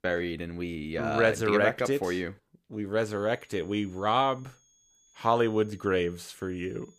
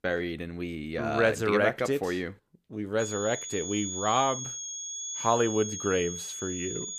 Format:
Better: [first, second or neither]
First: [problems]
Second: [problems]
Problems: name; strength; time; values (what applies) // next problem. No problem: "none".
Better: first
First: high-pitched whine; faint; from 3 s on; 6.5 kHz, 35 dB below the speech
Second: high-pitched whine; loud; from 3 s on; 6.5 kHz, 5 dB below the speech